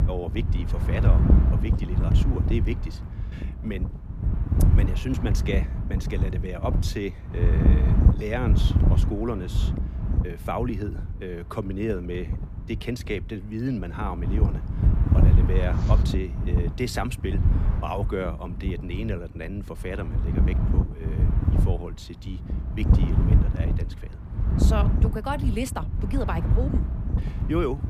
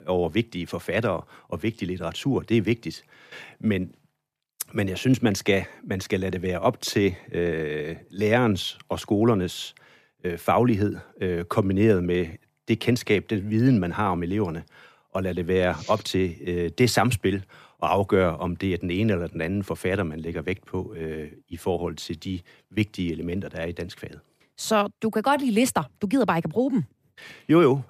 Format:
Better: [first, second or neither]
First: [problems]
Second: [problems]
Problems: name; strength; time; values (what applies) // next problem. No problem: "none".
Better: second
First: wind noise on the microphone; heavy; 3 dB below the speech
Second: none